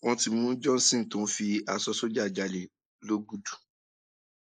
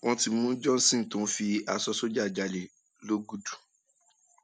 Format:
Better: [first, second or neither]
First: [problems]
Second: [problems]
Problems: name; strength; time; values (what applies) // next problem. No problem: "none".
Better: second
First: noise reduction (neural mask model Resemble Enhance denoiser)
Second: none